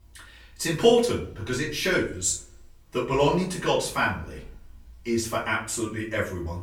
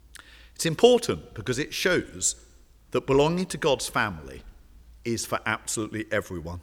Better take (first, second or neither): second